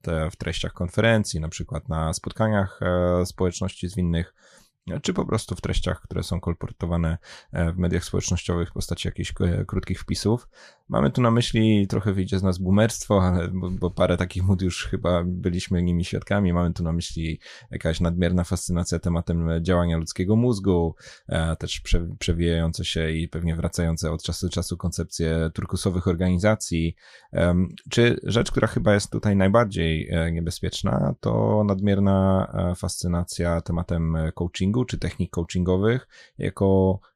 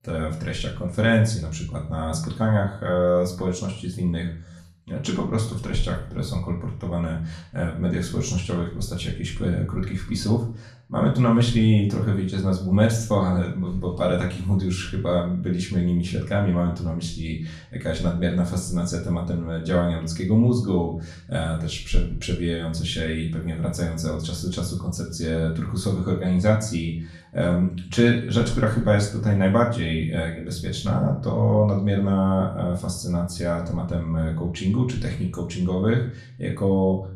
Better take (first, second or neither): first